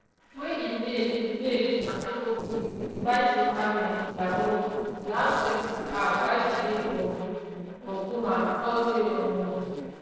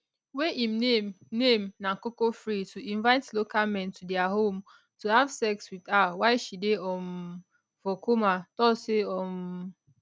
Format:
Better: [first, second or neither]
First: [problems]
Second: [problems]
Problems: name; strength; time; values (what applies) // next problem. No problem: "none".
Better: second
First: noise reduction (neural separator model SepFormer DNS4)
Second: none